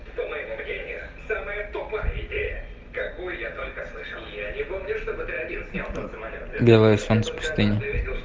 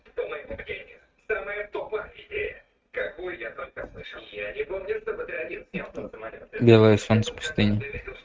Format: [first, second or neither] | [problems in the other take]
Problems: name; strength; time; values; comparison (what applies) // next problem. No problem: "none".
first | noise reduction (neural mask model RNNoise)